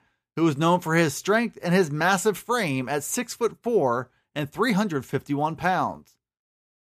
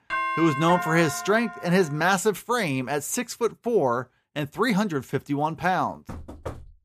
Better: first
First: none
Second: doorbell; noticeable; until 1.5 s; peak 2 dB below the speech // door banging; faint; at 6 s; peak 15 dB below the speech

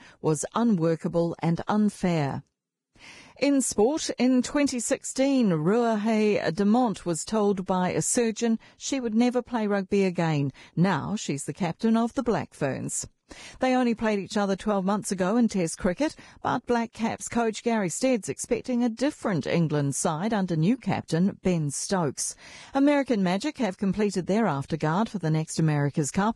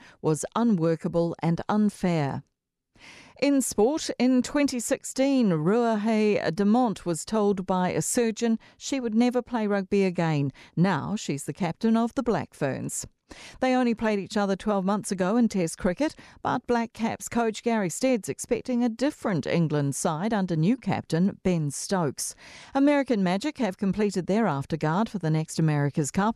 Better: second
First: garbled, watery; badly; nothing above 10.5 kHz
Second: none

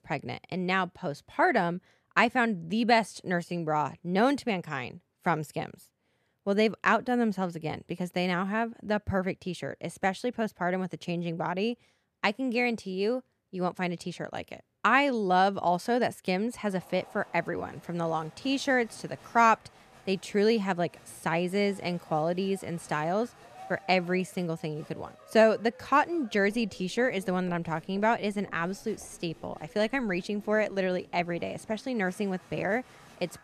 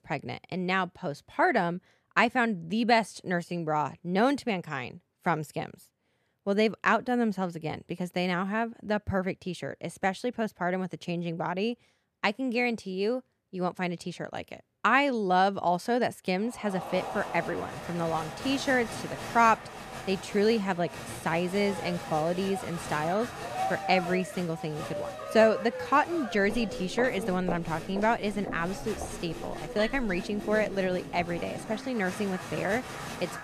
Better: first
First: crowd noise; faint; from 17 s on; 25 dB below the speech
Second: crowd noise; loud; from 17 s on; 9 dB below the speech

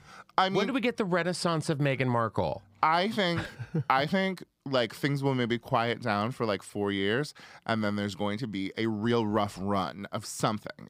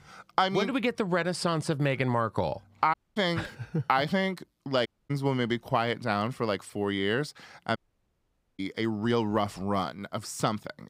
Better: first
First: none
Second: audio cutting out; at 3 s, at 5 s and at 8 s for 1 s

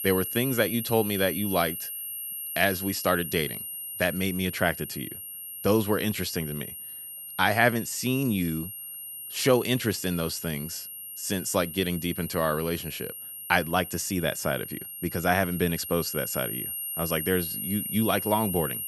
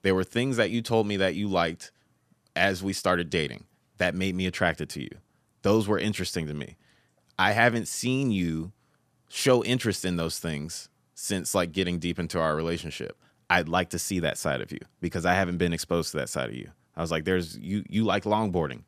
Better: second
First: high-pitched whine; loud; throughout; 11.5 kHz, 7 dB below the speech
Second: none

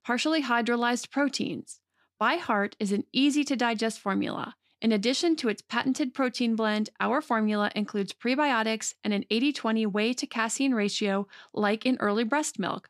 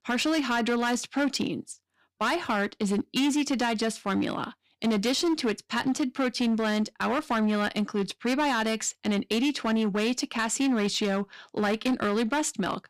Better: first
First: none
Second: distortion; slight; 12% of the sound clipped

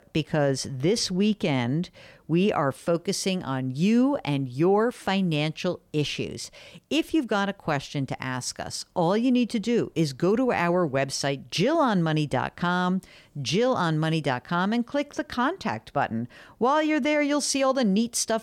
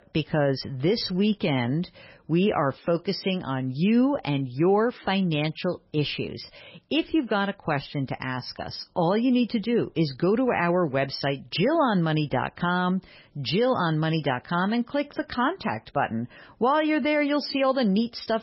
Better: first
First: none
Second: garbled, watery; badly; nothing above 5.5 kHz

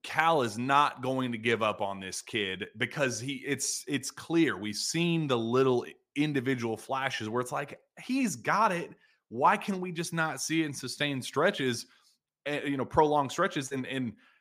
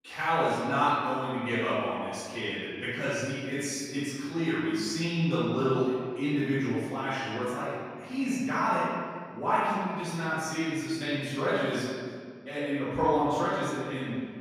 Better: first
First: none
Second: off-mic speech; far // room echo; strong; dies away in 1.7 s

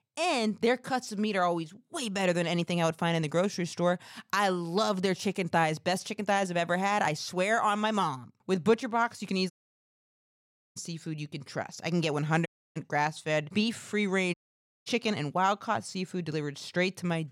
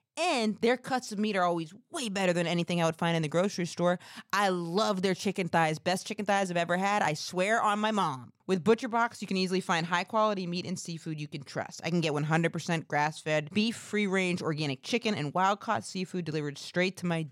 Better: second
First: audio cutting out; at 9.5 s for 1.5 s, at 12 s and at 14 s for 0.5 s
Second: none

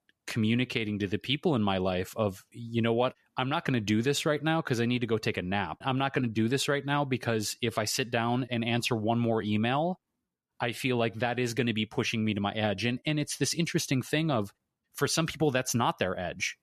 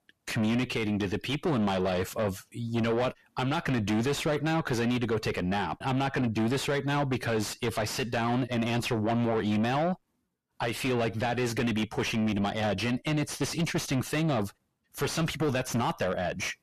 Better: first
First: none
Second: distortion; heavy; 5 dB below the speech

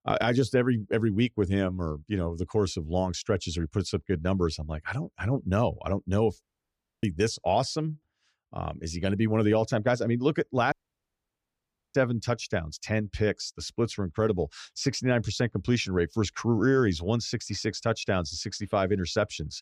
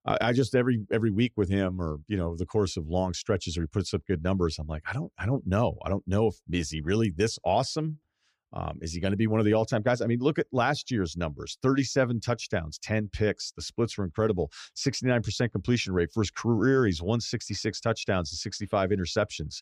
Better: second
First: audio cutting out; at 6.5 s for 0.5 s and at 11 s for 1 s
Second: none

